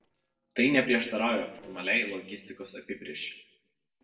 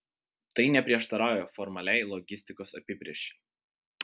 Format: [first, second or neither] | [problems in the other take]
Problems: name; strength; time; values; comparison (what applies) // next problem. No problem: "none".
second | noise reduction (neural separator model SepFormer DNS4)